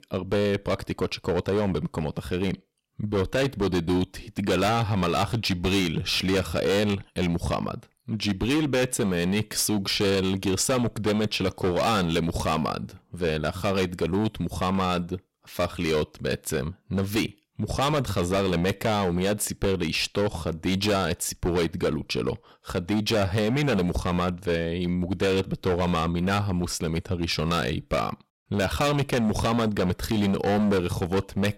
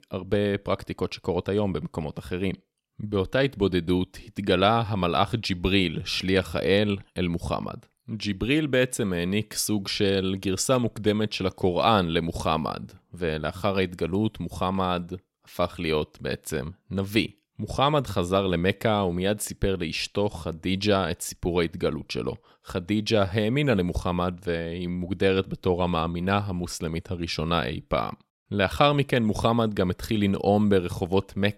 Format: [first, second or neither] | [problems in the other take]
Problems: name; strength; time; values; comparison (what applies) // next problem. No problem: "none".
second | distortion; heavy; 15% of the sound clipped